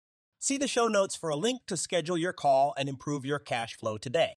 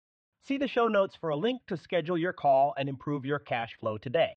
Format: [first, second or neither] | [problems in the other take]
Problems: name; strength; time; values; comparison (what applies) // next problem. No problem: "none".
first | muffled; very; fading above 3 kHz